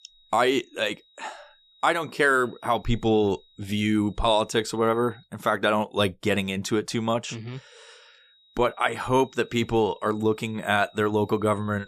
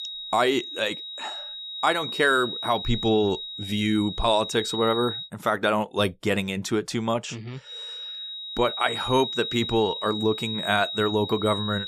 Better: first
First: high-pitched whine; faint; until 5 s and from 7.5 s on; 4 kHz, 30 dB below the speech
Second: high-pitched whine; loud; until 5 s and from 7.5 s on; 4 kHz, 6 dB below the speech

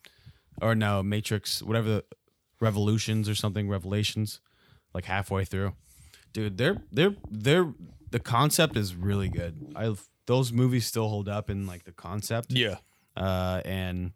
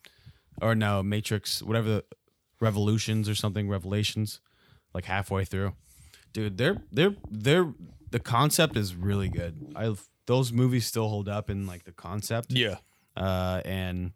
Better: neither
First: none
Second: none

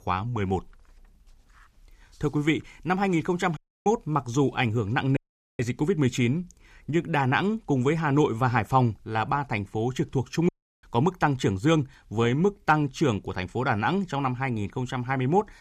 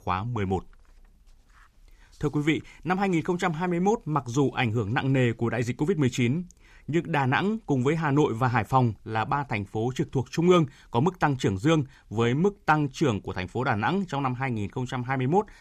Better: second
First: audio cutting out; at 3.5 s, at 5 s and at 10 s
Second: none

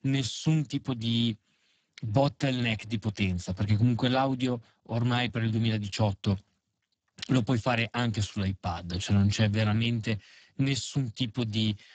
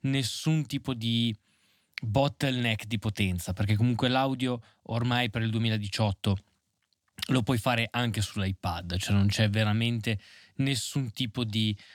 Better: second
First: garbled, watery; badly; nothing above 7.5 kHz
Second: none

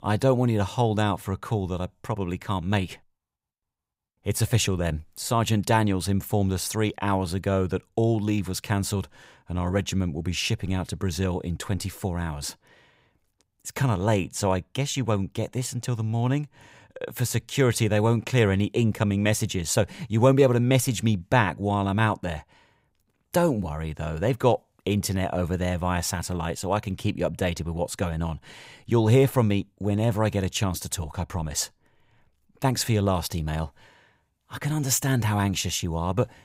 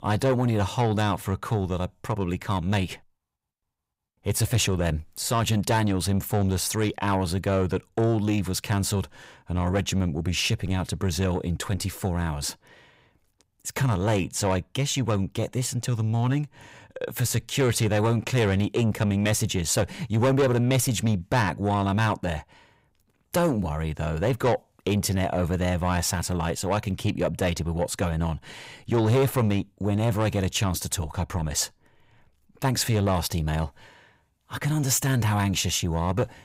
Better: first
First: none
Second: distortion; slight; 10 dB below the speech

